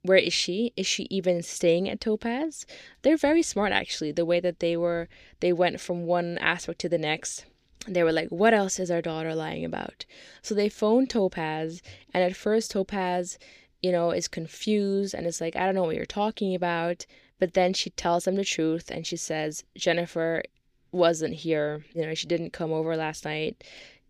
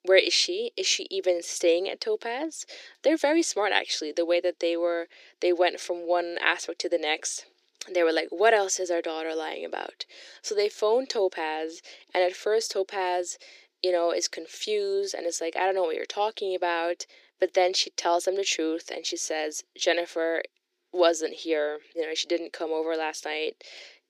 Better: first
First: none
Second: thin; very; fading below 350 Hz

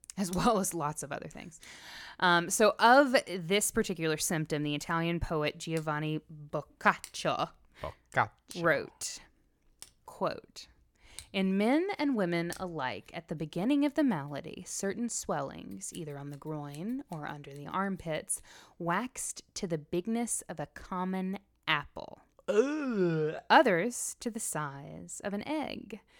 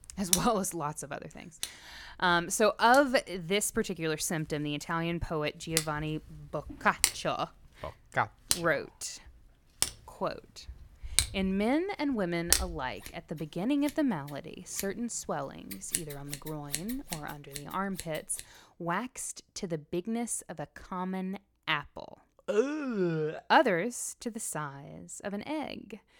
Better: first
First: household noises; faint; until 18 s; 20 dB below the speech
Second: household noises; loud; until 18 s; 1 dB below the speech

